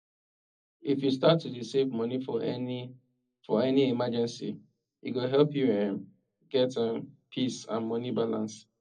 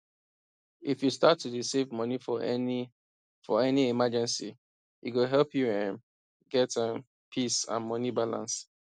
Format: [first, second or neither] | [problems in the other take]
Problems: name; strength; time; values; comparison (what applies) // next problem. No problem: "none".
second | room echo; dies away in 0.4 s